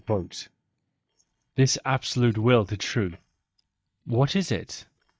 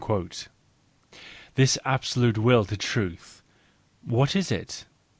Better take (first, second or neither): second